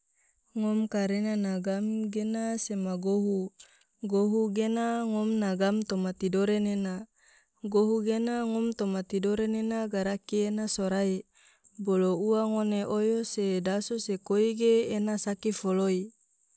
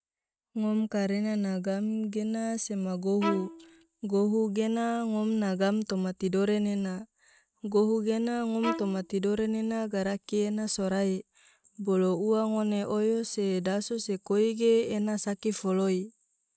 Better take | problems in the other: first | noise reduction (neural mask model RNNoise)

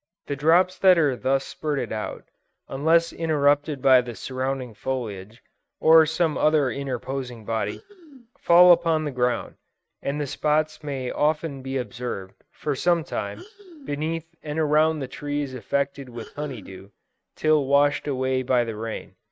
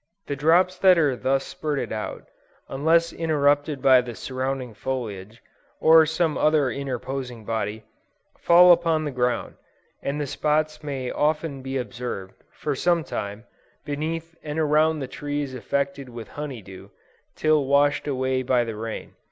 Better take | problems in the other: second | noise reduction (neural mask model RNNoise)

